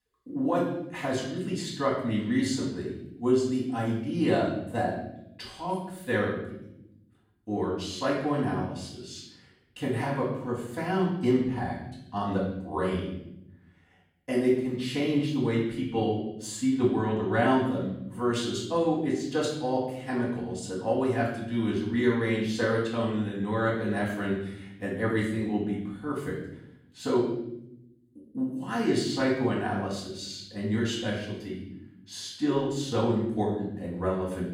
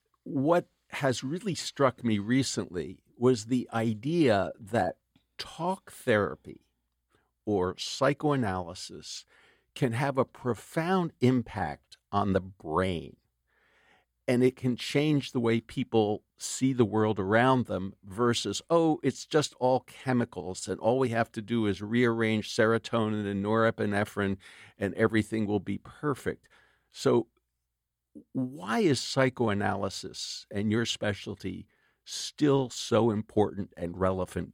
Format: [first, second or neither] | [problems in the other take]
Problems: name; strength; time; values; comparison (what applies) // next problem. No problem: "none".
second | room echo; noticeable; dies away in 0.8 s // off-mic speech; far